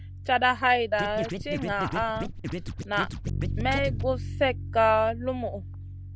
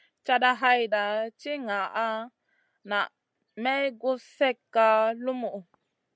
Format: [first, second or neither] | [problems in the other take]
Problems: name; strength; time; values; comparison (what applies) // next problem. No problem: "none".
second | background sound (Bass guitar + Scratching (performance technique)); 6 dB below the speech